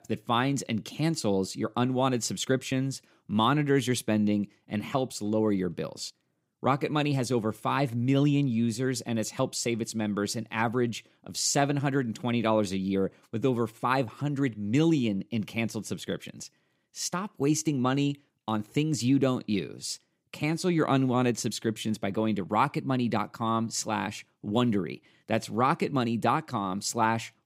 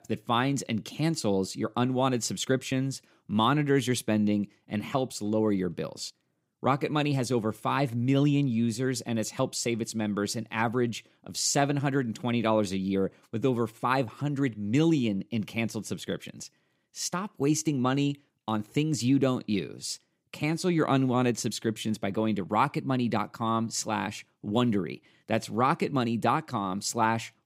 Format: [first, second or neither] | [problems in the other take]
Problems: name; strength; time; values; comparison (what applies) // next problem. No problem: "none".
neither | none